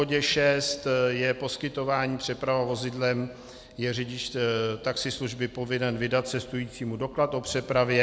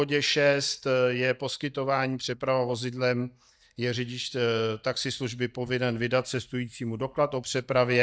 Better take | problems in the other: first | noise reduction (neural mask model DeepFilterNet 3)

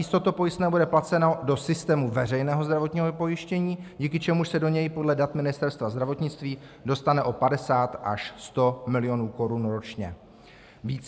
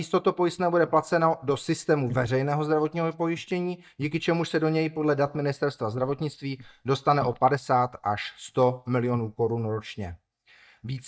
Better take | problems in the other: first | noise reduction (neural mask model DeepFilterNet 3)

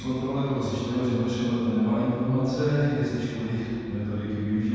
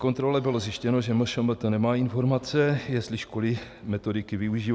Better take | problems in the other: second | room echo; dies away in 2.1 s

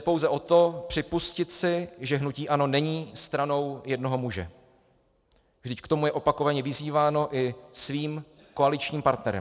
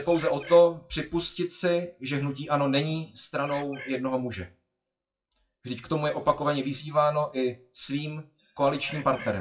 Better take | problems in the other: first | noise reduction (classical method WPE with log-MMSE)

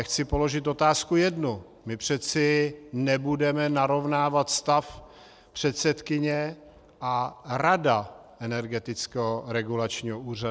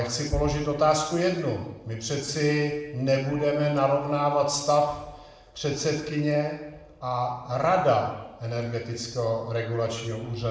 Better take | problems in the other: first | room echo; dies away in 0.8 s

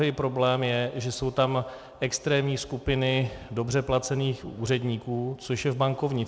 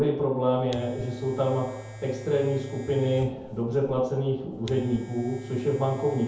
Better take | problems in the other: first | background sound (Domestic sounds, home sounds); 16 dB below the speech // room echo; dies away in 0.8 s

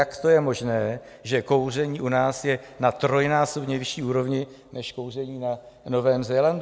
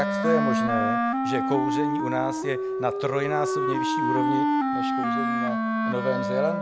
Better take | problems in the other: first | background sound (Wind instrument, woodwind instrument); 4 dB above the speech

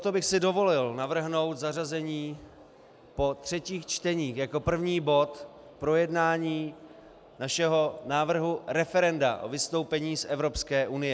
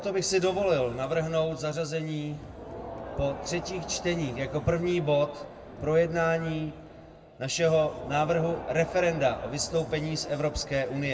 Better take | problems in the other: first | background sound (Crowd); 13 dB below the speech // room echo; dies away in 1 s

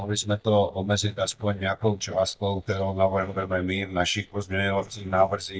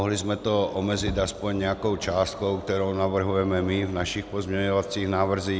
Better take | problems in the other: second | noise reduction (neural mask model DeepFilterNet 3)

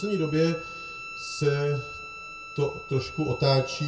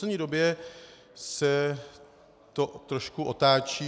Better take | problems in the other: second | background sound (Bowed string instrument); 12 dB below the speech // room echo; dies away in 0.2 s

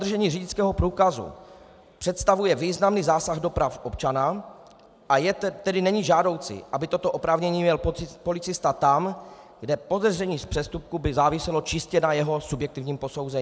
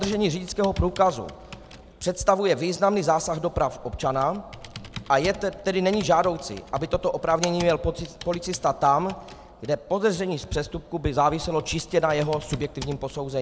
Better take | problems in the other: first | background sound (Computer keyboard); 17 dB below the speech

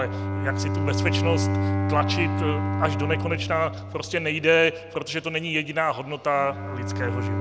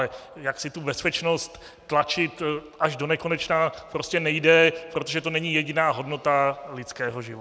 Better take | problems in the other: second | background sound (Bowed string instrument); 1 dB below the speech

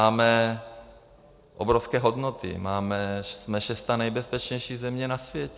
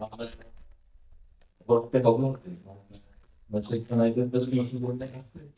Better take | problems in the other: first | noise reduction (neural mask model DeepFilterNet 3)

